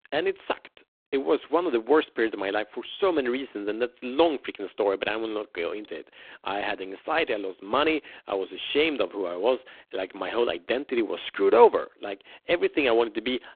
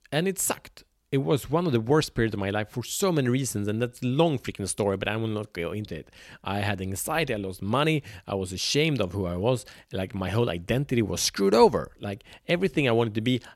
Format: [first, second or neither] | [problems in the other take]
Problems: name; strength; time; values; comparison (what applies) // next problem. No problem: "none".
second | phone-call audio; poor line